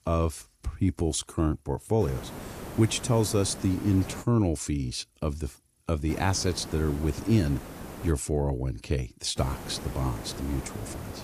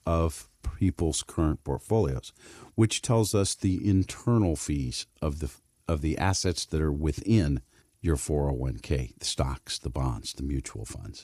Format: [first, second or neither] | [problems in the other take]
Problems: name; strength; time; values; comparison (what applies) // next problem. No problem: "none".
second | hiss; noticeable; from 2 to 4 s, from 6 to 8 s and from 9.5 s on; 10 dB below the speech